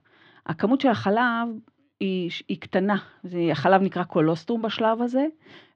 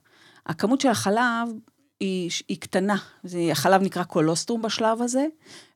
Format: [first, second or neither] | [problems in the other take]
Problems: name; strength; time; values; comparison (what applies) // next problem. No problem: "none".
second | muffled; very; fading above 3 kHz